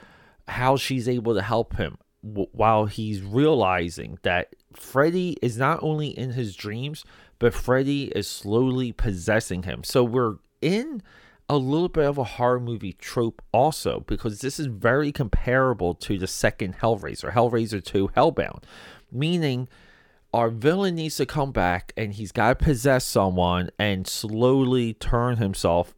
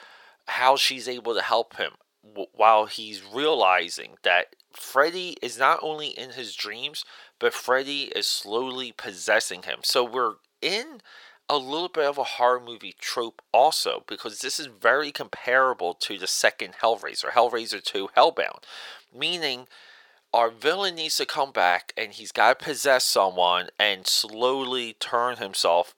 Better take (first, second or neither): first